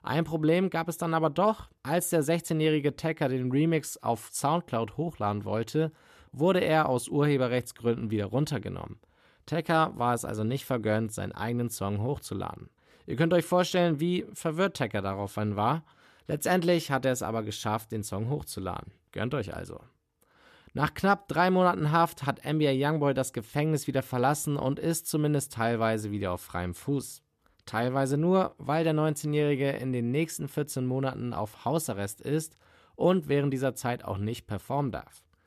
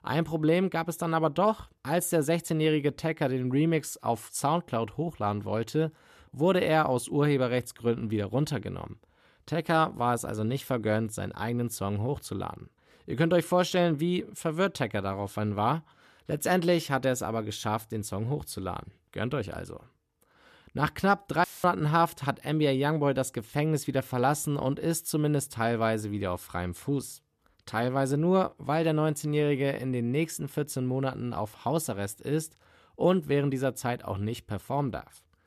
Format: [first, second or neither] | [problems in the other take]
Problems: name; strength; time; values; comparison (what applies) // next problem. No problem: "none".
first | audio cutting out; filled with static; at 21 s